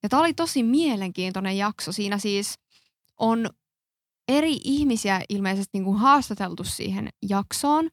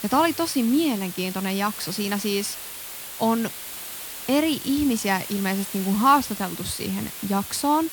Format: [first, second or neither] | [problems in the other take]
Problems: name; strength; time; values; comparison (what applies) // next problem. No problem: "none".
first | hiss; loud; throughout; 9 dB below the speech